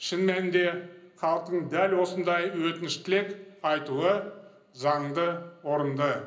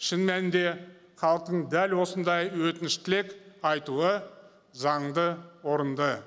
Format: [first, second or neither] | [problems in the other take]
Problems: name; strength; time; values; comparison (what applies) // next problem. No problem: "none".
second | room echo; dies away in 0.5 s